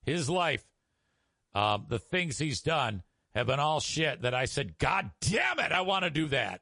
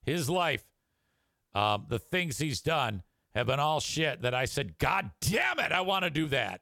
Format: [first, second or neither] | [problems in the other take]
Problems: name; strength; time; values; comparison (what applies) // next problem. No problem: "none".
second | garbled, watery; slightly; nothing above 10.5 kHz